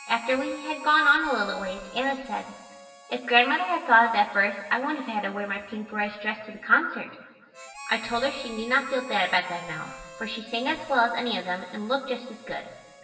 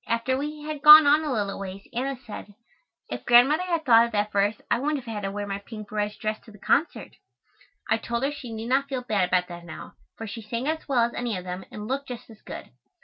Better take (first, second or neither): second